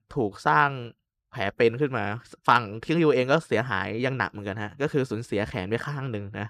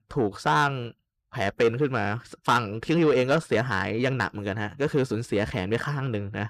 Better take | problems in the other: first | distortion; slight; 10 dB below the speech

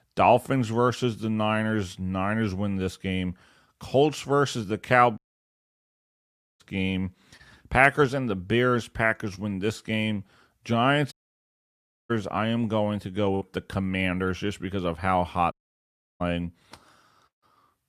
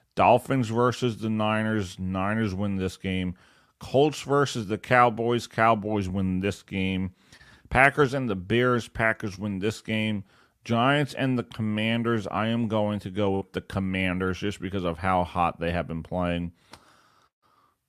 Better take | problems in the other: second | audio cutting out; at 5 s for 1.5 s, at 11 s for 1 s and at 16 s for 0.5 s

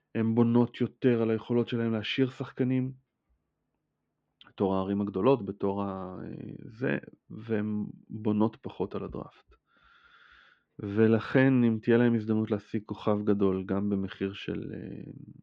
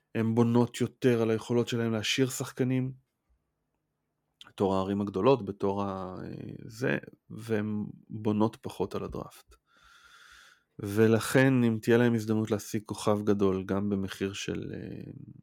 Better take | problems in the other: second | muffled; slightly; fading above 3.5 kHz

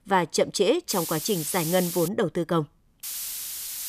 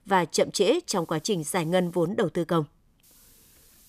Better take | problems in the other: second | hiss; loud; from 1 to 2 s and at 3 s; 6 dB below the speech; faint in the second

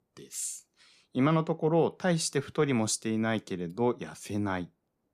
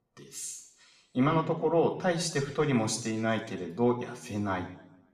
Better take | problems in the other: first | room echo; slight; dies away in 0.7 s // off-mic speech; somewhat distant

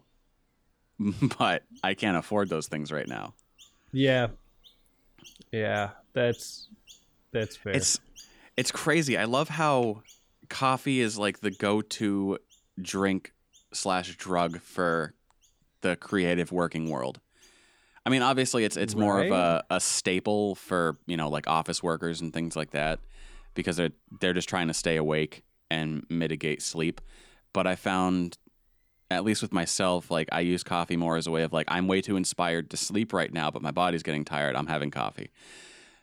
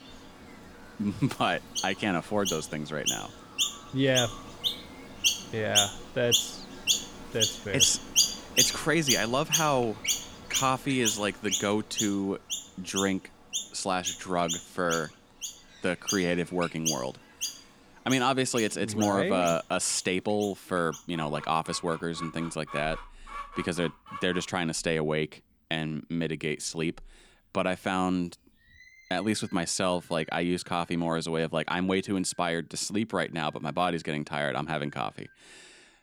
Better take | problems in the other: first | animal sounds; loud; throughout; as loud as the speech; faint in the first

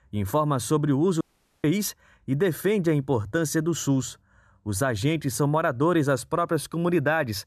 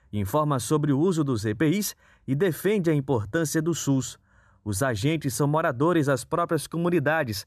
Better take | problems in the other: second | audio cutting out; at 1 s

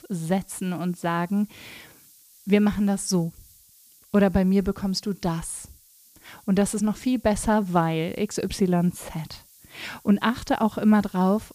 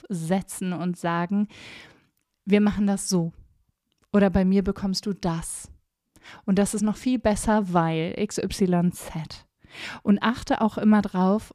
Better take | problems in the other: second | hiss; faint; throughout; 25 dB below the speech

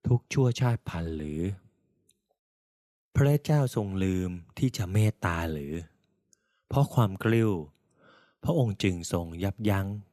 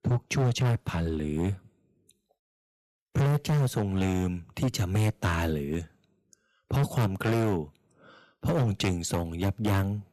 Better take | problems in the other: first | distortion; heavy; 12% of the sound clipped

